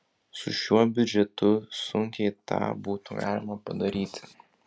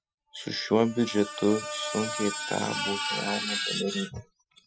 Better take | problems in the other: first | noise reduction (classical method Wiener filter)

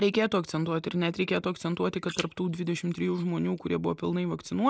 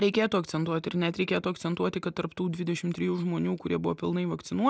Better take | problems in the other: second | noise reduction (neural mask model Resemble Enhance denoiser)

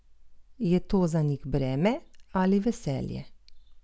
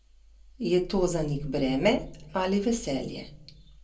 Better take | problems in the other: first | room echo; dies away in 0.2 s

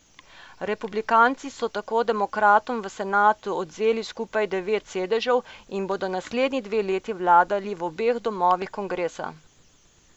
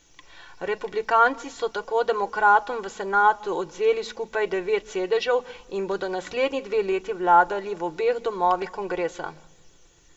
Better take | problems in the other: first | room echo; dies away in 0.4 s

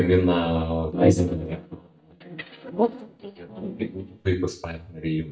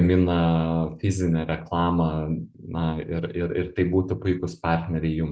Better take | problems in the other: second | noise reduction (neural mask model DeepFilterNet 3)

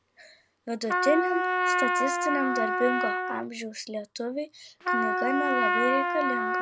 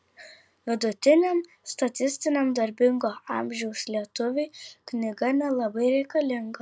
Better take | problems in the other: second | background sound (Trumpet); 3 dB above the speech

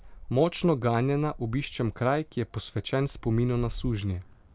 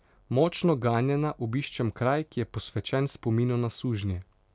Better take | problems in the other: second | background sound (Gull, seagull); 15 dB below the speech

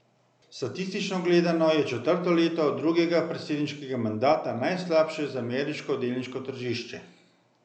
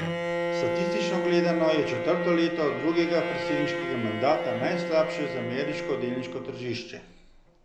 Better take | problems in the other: first | background sound (Bowed string instrument); 3 dB below the speech

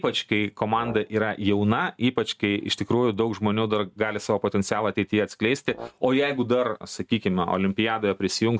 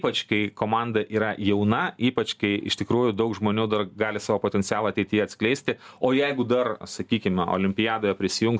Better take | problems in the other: second | noise reduction (neural mask model RNNoise)

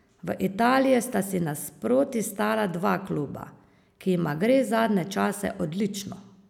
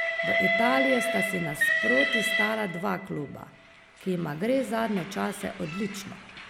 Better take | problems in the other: first | background sound (Train); as loud as the speech

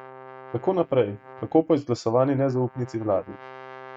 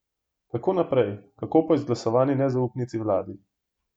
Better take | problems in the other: second | noise reduction (neural mask model RNNoise)

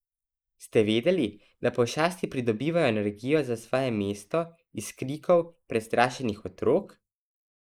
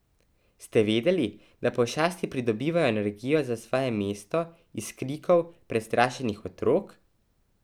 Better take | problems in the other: second | noise reduction (neural mask model Resemble Enhance denoiser)

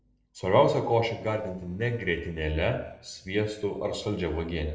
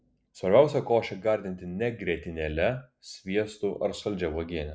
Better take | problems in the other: second | noise reduction (neural separator model SepFormer DNS4)

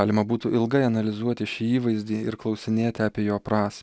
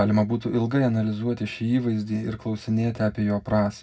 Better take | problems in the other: first | room echo; dies away in 0.4 s

